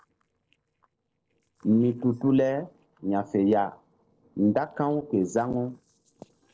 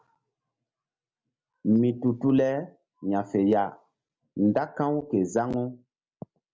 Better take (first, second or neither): second